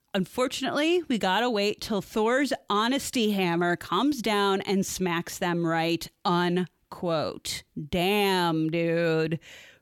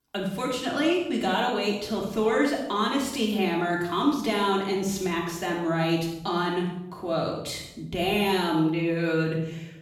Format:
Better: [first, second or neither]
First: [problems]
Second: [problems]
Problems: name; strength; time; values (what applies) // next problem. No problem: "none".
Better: first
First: none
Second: off-mic speech; far // room echo; noticeable; dies away in 0.7 s